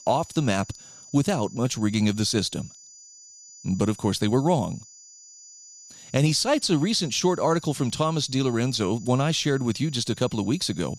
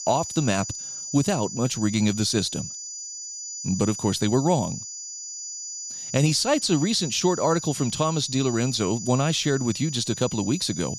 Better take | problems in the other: first | high-pitched whine; loud; throughout; 7 kHz, 9 dB below the speech; faint in the first

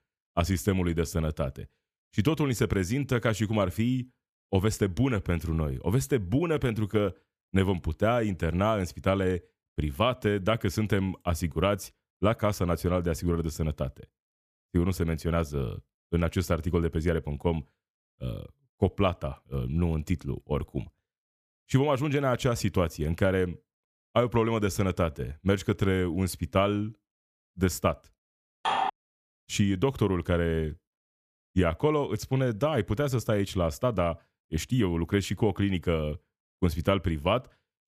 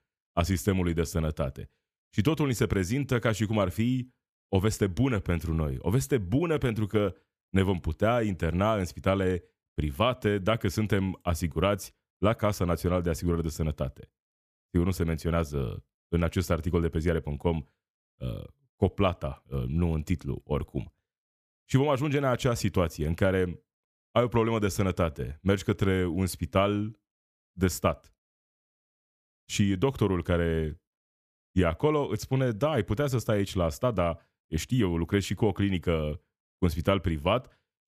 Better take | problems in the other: second | clattering dishes; loud; at 29 s; peak level with the speech

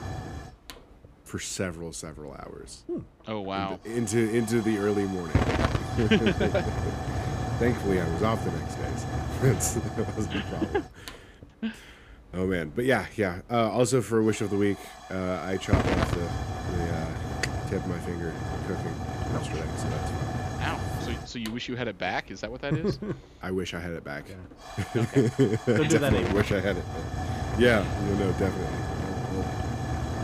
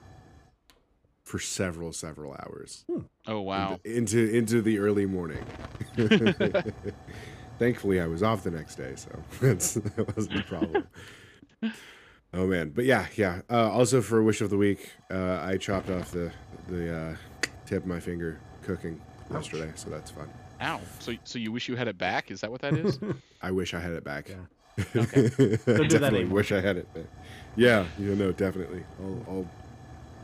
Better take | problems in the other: second | hiss; loud; throughout; 3 dB below the speech; faint in the second

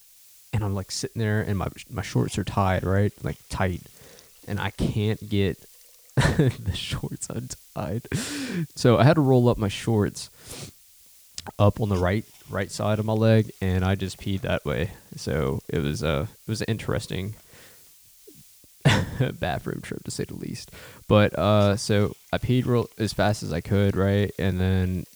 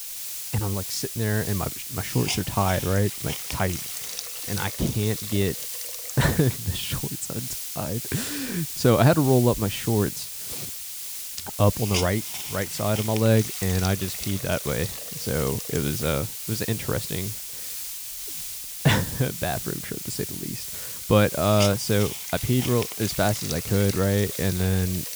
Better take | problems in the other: first | hiss; loud; throughout; 5 dB below the speech; faint in the first

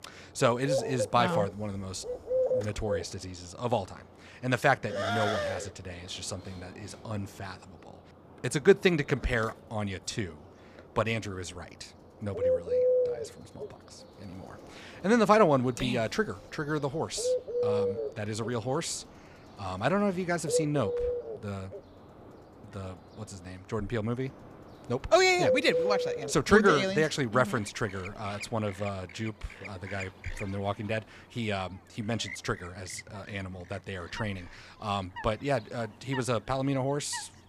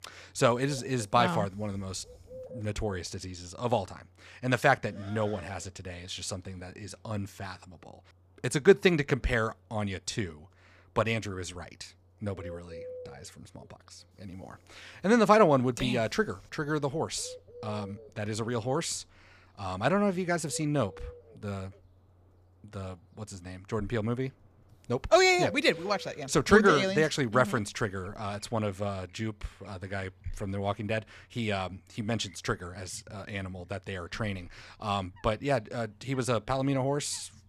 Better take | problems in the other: second | animal sounds; loud; throughout; 4 dB below the speech; faint in the second

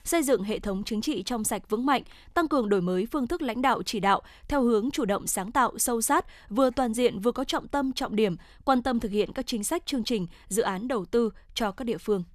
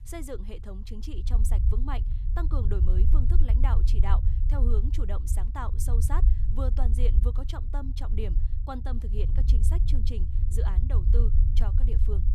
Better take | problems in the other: first | low rumble; loud; throughout; 5 dB below the speech

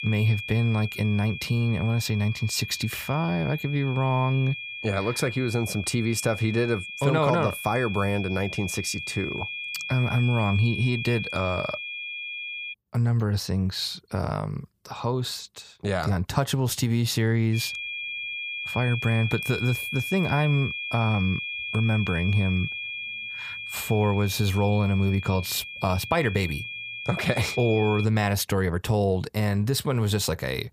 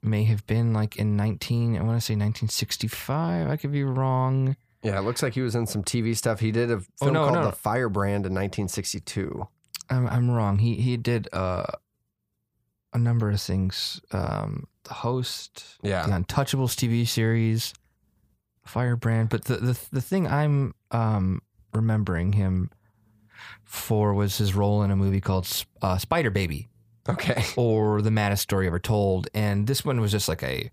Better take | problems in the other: second | high-pitched whine; loud; until 13 s and from 18 to 28 s; 2.5 kHz, 7 dB below the speech

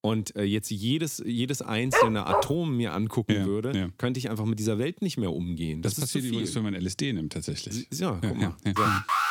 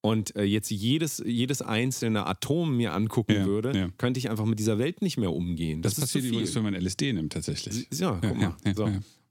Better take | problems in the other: second | dog barking; loud; at 2 s; peak 6 dB above the speech // alarm; loud; at 9 s; peak 4 dB above the speech

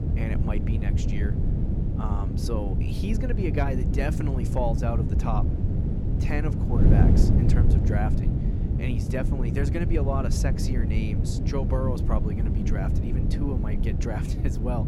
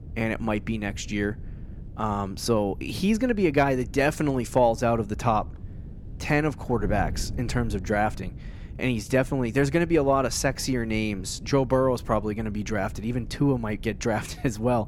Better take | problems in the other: second | wind noise on the microphone; heavy; 2 dB below the speech; occasional gusts in the second

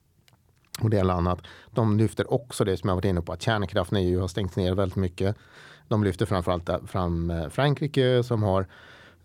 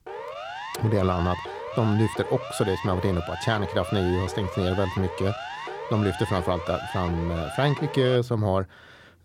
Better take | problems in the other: first | siren; noticeable; until 8 s; peak 8 dB below the speech

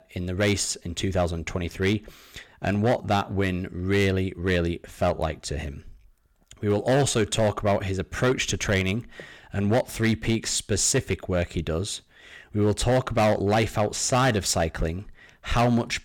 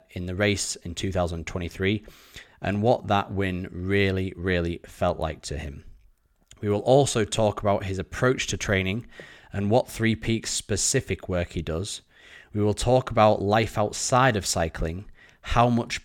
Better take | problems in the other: second | distortion; slight; 5% of the sound clipped

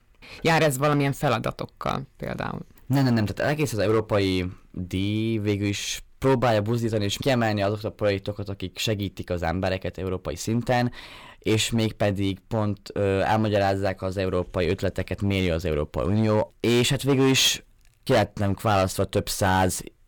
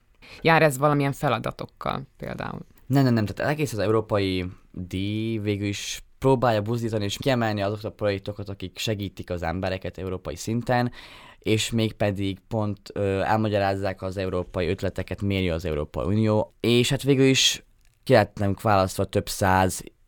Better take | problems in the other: second | distortion; slight; 5% of the sound clipped

